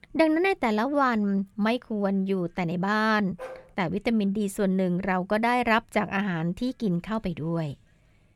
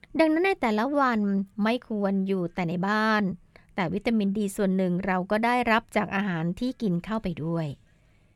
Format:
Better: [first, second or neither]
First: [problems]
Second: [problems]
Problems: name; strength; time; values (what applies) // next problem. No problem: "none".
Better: second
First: dog barking; faint; at 3.5 s; peak 15 dB below the speech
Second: none